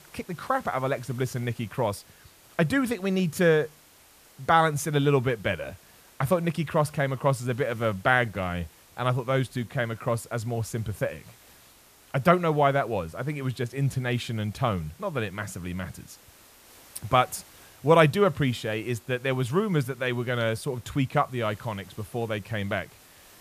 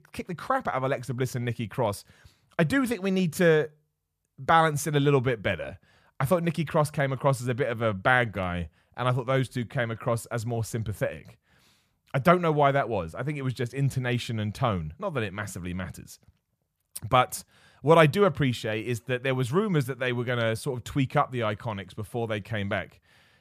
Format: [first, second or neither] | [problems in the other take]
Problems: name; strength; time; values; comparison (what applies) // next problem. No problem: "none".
second | hiss; faint; throughout; 25 dB below the speech